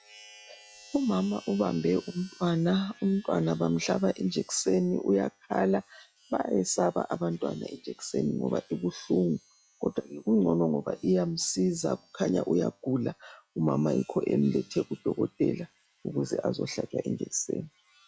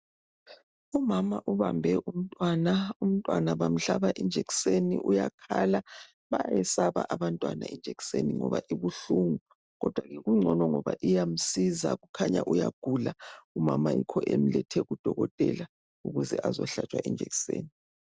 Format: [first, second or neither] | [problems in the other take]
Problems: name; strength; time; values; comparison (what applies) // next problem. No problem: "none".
second | noise reduction (classical method log-MMSE)